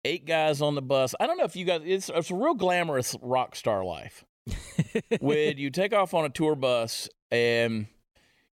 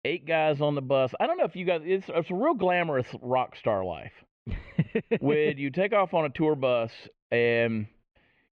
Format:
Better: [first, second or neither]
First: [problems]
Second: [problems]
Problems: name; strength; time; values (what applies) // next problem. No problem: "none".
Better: first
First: none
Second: muffled; very; fading above 2.5 kHz